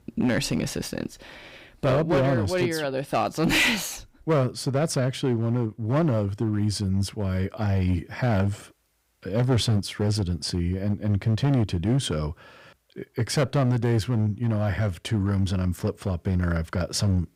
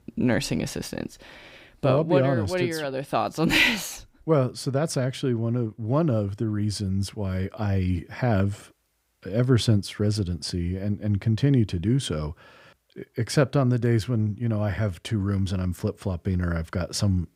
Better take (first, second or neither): second